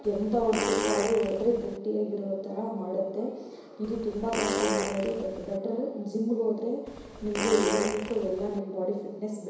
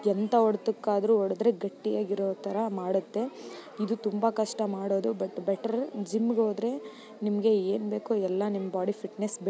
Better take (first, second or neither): second